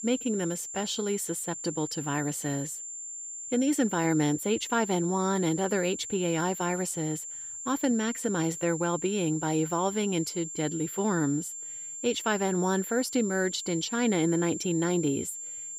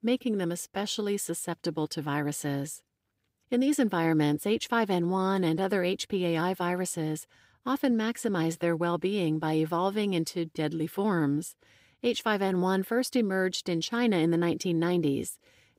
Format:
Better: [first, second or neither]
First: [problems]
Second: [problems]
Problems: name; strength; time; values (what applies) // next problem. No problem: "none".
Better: second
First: high-pitched whine; loud; throughout; 7.5 kHz, 7 dB below the speech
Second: none